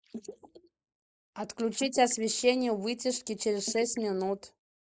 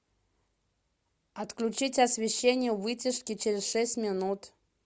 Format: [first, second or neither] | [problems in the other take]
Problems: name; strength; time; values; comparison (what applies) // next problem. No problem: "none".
second | noise reduction (neural mask model Resemble Enhance denoiser)